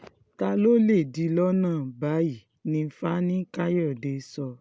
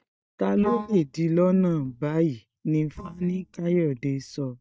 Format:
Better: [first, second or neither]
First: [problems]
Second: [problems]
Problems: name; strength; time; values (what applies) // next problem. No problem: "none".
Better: first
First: none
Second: noise reduction (neural mask model DeepFilterNet 3)